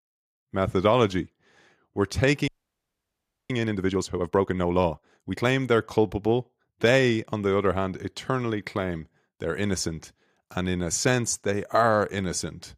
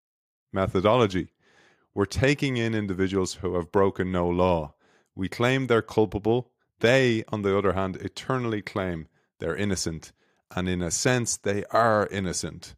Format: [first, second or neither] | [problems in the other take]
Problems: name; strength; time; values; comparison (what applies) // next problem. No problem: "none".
second | audio freezing; at 2.5 s for 1 s